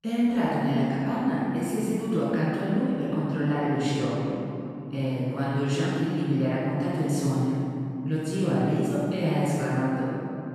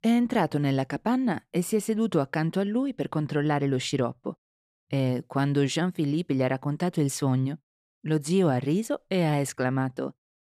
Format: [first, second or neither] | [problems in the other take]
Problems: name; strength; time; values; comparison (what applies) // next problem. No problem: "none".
second | off-mic speech; far // room echo; strong; dies away in 2.9 s